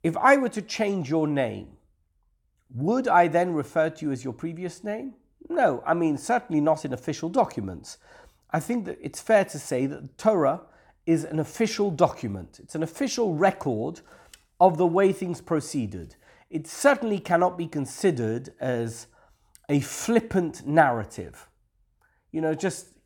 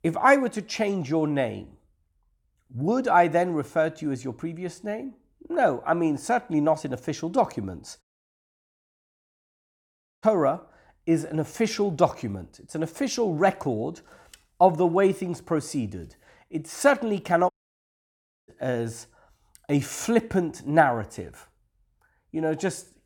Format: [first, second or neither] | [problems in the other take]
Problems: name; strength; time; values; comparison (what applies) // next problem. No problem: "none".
first | audio cutting out; at 8 s for 2 s and at 18 s for 1 s